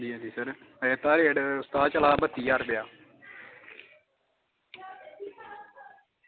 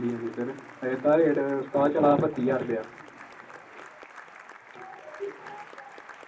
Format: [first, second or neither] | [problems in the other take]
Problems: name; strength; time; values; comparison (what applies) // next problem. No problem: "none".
first | background sound (Applause); 18 dB below the speech // room echo; dies away in 0.4 s